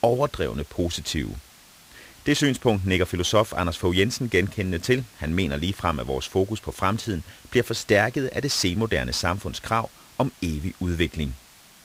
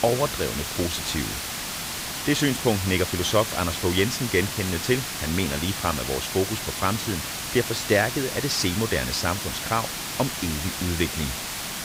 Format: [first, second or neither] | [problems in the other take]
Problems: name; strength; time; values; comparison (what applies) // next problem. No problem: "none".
first | hiss; loud; throughout; 3 dB below the speech; faint in the first